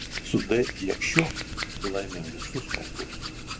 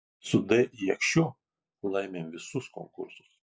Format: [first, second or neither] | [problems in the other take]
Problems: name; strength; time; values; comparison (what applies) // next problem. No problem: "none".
second | background sound (Hands); 4 dB below the speech